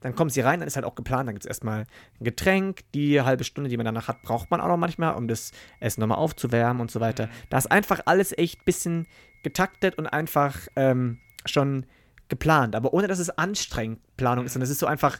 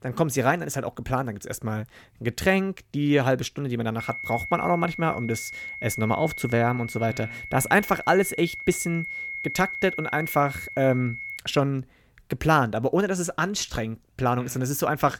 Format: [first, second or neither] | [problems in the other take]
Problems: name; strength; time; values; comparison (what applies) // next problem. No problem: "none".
first | high-pitched whine; loud; from 4 to 11 s; 2 kHz, 8 dB below the speech; faint in the first